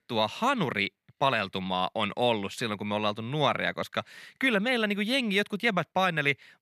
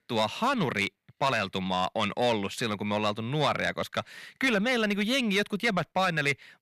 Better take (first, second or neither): first